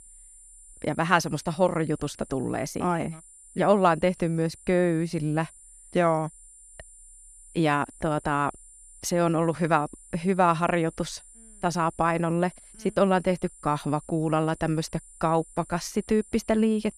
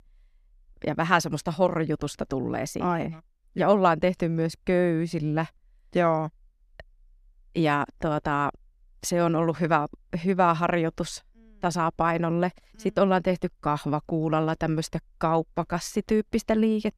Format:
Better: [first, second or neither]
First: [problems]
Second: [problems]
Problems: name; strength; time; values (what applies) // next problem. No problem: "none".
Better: second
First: high-pitched whine; faint; throughout; 9 kHz, 20 dB below the speech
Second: none